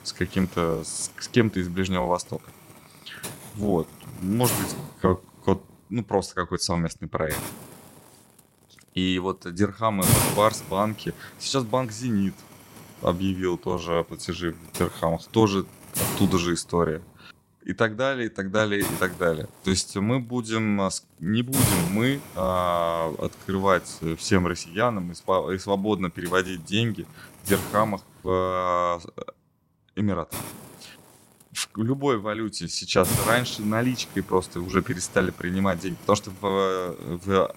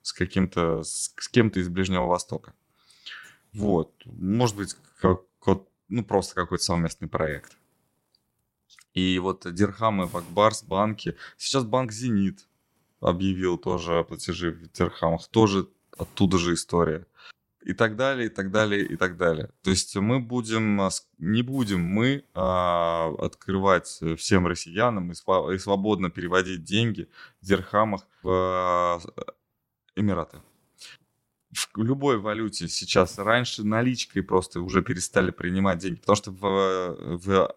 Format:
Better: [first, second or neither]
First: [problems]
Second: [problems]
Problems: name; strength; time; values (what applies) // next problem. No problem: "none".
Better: second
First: hiss; loud; throughout; 4 dB below the speech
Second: hiss; faint; throughout; 30 dB below the speech